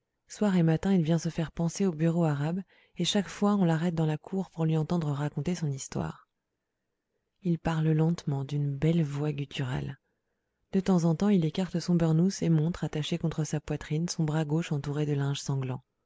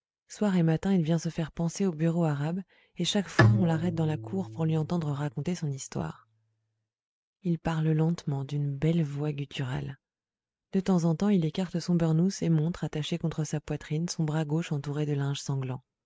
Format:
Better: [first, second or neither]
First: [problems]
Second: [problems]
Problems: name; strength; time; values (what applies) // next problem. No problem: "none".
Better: first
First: none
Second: noise reduction (neural mask model RNNoise)